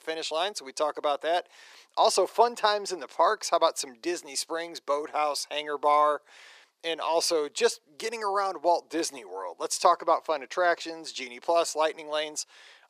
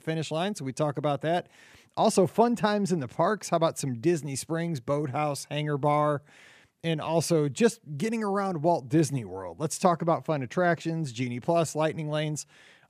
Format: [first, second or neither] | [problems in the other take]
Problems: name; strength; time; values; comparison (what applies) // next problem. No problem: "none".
second | thin; very; fading below 400 Hz